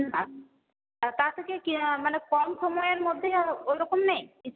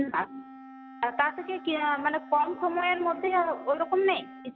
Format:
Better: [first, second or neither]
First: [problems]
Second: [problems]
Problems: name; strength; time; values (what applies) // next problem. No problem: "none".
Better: first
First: none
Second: background sound (Wind instrument, woodwind instrument); 17 dB below the speech